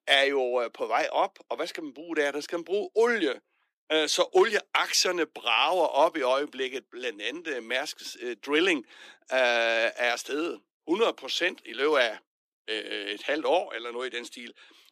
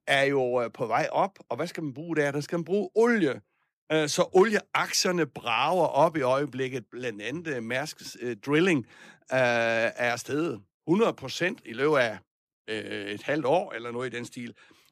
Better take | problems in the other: second | thin; somewhat; fading below 300 Hz

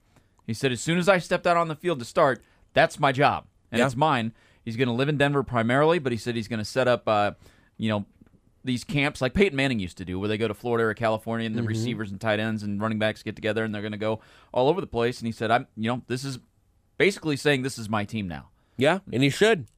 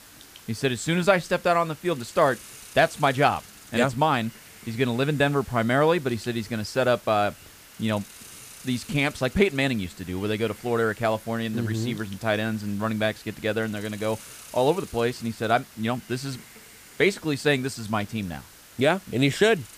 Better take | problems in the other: first | hiss; noticeable; throughout; 20 dB below the speech

